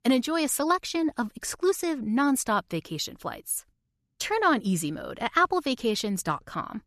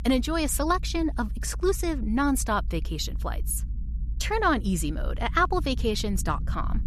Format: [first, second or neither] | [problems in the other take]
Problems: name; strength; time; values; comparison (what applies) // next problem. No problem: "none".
first | low rumble; faint; throughout; 25 dB below the speech